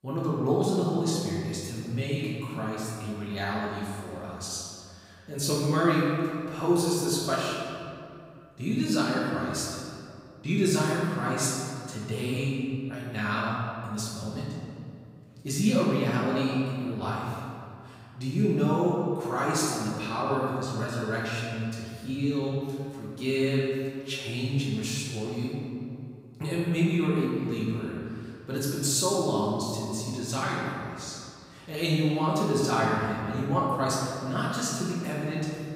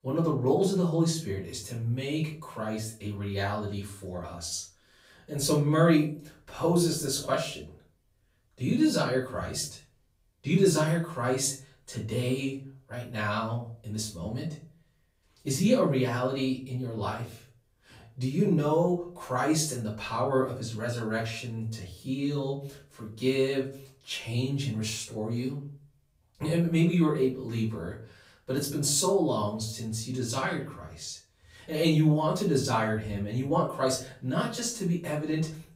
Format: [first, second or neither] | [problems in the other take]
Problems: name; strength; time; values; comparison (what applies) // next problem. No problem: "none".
second | room echo; strong; dies away in 2.1 s; slight in the second // off-mic speech; far; far in the second